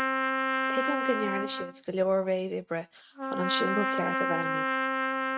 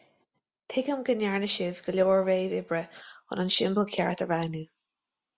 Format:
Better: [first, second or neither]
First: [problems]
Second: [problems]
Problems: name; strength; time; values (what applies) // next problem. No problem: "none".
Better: second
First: noise reduction (neural mask model RNNoise)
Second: none